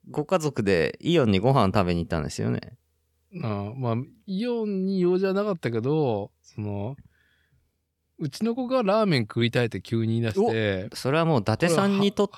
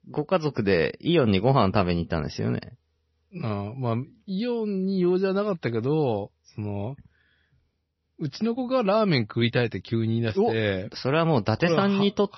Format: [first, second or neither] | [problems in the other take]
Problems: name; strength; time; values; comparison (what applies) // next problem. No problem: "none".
first | garbled, watery; slightly; nothing above 5.5 kHz